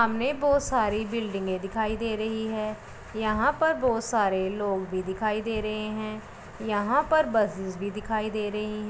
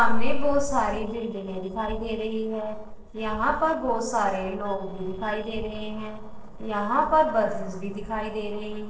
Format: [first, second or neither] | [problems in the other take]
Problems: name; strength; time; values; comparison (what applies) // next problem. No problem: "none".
first | noise reduction (neural separator model SepFormer DNS4)